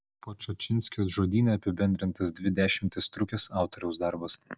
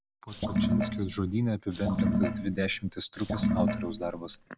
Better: first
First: none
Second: background sound (Sink (filling or washing) / Water); 2 dB above the speech

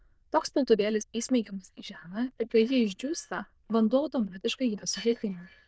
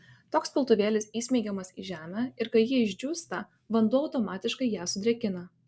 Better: second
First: noise reduction (neural diffusion model UNIVERSE++)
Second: none

